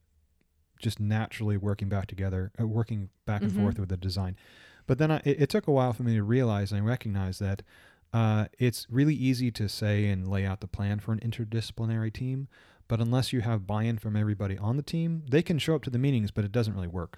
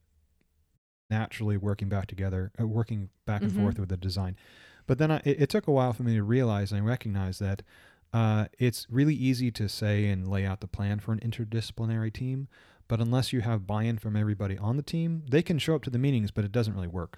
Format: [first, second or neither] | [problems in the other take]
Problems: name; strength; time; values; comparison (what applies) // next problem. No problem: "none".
first | audio cutting out; at 1 s